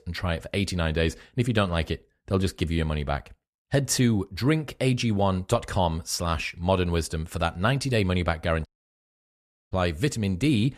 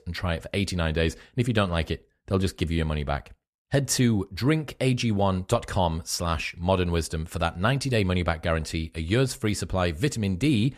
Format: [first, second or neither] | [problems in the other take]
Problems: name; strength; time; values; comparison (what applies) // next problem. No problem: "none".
second | audio cutting out; at 8.5 s for 1 s